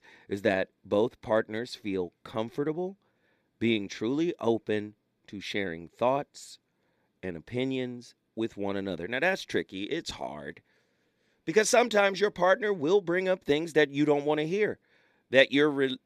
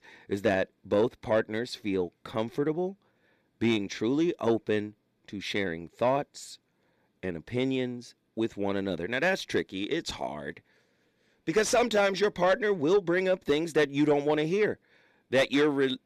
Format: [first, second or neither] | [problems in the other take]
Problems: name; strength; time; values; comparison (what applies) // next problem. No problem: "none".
first | distortion; slight; 10 dB below the speech